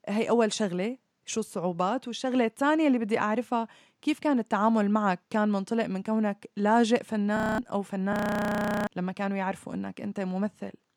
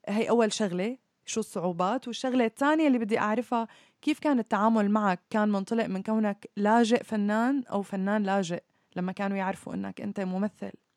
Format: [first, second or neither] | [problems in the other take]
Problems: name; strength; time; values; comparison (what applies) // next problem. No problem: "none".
second | audio freezing; at 7.5 s and at 8 s for 0.5 s